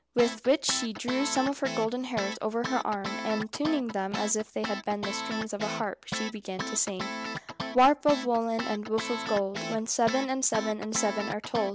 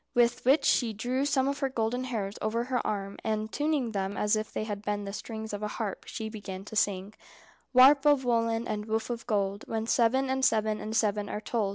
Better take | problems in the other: second | background sound (Guitar); 8 dB below the speech

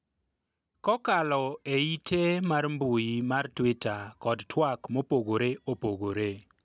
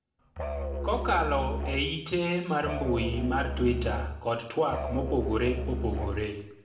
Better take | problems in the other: first | background sound (Musical instrument); 3 dB below the speech // room echo; dies away in 0.7 s

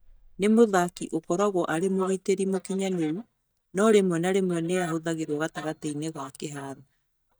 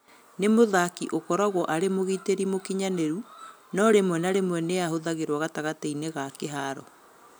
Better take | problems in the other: second | noise reduction (neural mask model DeepFilterNet 3)

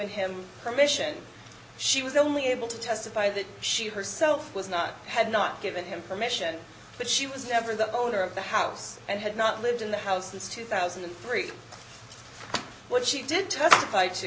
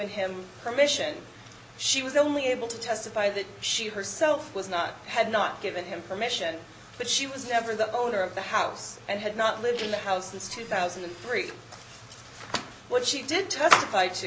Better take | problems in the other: first | background sound (Printer); 15 dB below the speech

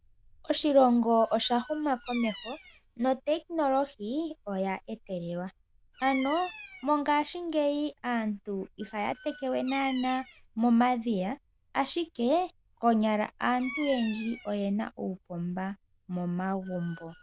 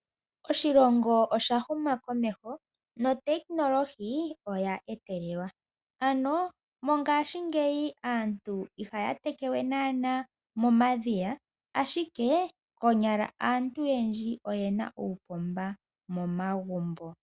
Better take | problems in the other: second | noise reduction (neural diffusion model UNIVERSE++)

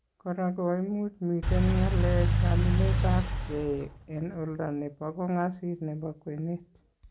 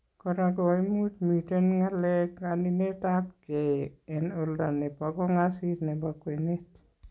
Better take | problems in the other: second | background sound (Engine / Car); 5 dB above the speech

